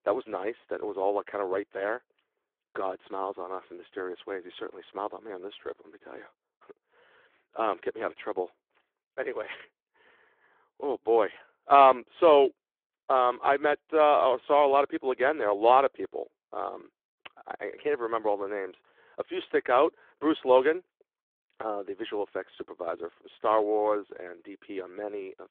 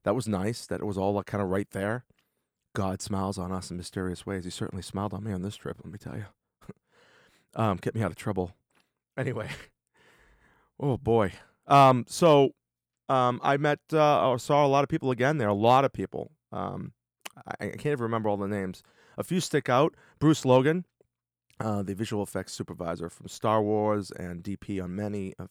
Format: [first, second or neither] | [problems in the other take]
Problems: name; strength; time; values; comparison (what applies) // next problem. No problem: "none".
second | phone-call audio